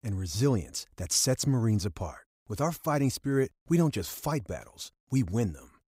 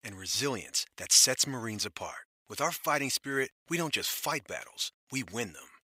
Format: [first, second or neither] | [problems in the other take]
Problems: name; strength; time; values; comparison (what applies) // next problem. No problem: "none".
first | thin; somewhat; fading below 1 kHz